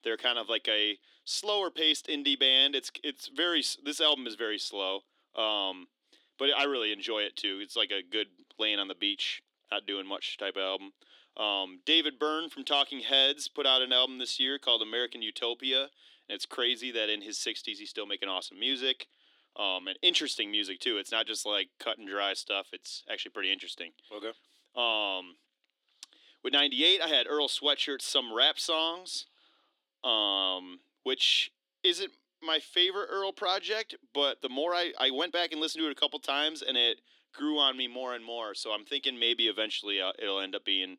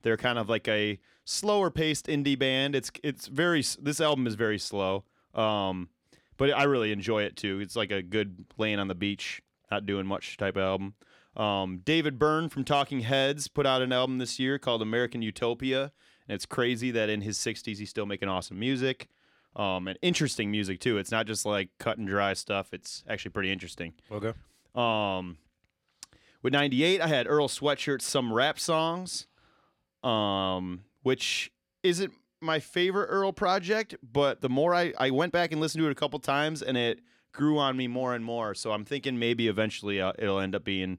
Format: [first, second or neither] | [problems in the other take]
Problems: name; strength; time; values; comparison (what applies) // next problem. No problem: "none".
second | thin; very slightly; fading below 300 Hz